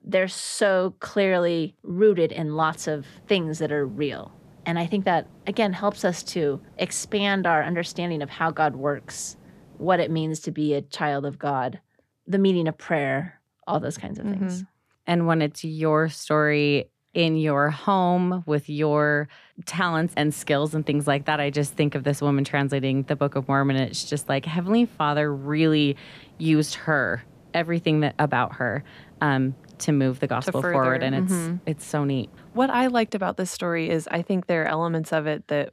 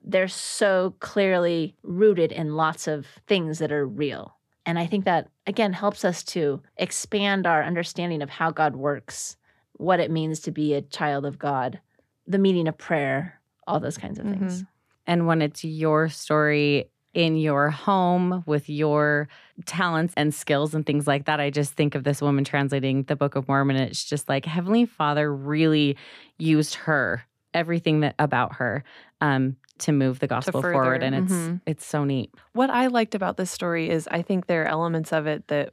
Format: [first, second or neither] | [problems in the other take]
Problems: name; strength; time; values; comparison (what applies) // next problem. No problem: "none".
second | hiss; faint; from 2.5 to 10 s and from 20 to 33 s; 25 dB below the speech